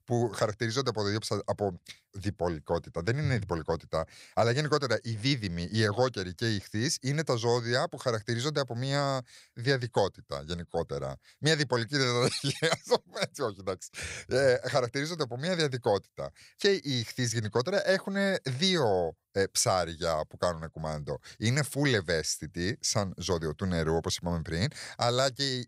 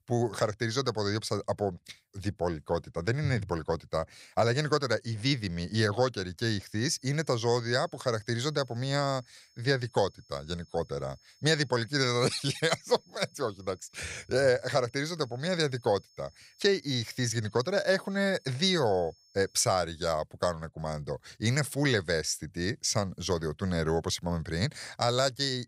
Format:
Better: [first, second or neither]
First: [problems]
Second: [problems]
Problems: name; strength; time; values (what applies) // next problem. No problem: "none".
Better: first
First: none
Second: high-pitched whine; faint; from 6.5 to 20 s; 5.5 kHz, 30 dB below the speech